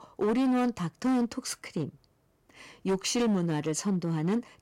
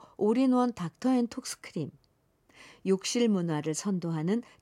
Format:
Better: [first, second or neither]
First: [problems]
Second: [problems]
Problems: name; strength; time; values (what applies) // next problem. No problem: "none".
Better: second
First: distortion; slight; 11% of the sound clipped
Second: none